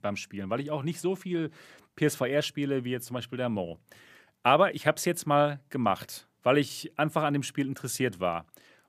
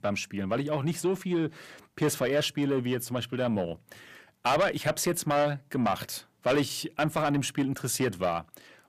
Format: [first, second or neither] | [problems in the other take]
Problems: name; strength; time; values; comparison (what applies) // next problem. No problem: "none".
first | distortion; heavy; 7 dB below the speech